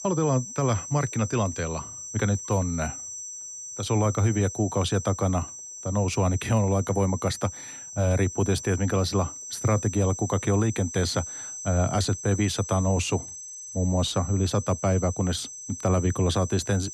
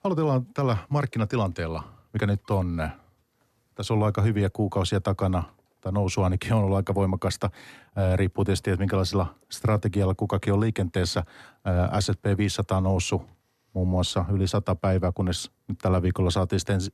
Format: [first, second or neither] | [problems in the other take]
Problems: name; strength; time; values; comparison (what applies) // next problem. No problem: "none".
second | high-pitched whine; loud; throughout; 6 kHz, 10 dB below the speech